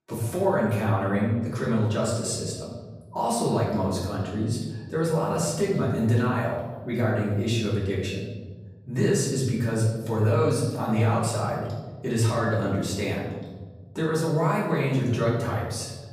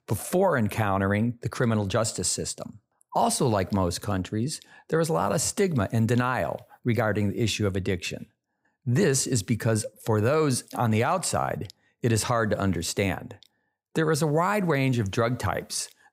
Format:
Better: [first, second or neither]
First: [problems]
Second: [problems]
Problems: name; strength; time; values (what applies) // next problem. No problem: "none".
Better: second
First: off-mic speech; far // room echo; noticeable; dies away in 1.3 s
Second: none